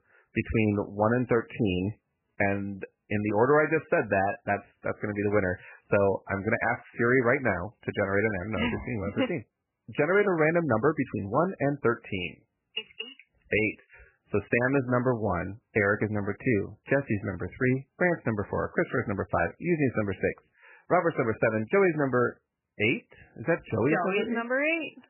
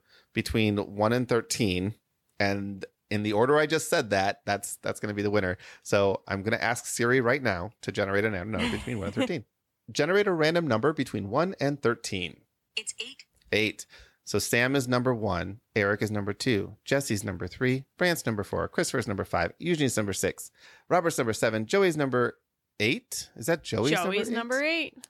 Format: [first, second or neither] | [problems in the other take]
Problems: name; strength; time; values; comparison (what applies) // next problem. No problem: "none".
second | garbled, watery; badly; nothing above 3 kHz